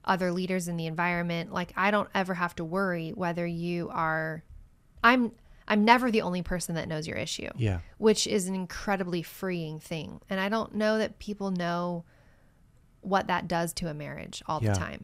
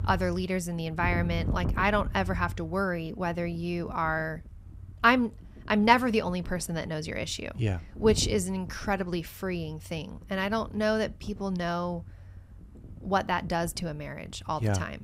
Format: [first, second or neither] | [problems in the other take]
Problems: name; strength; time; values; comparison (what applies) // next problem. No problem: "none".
first | wind noise on the microphone; occasional gusts; 20 dB below the speech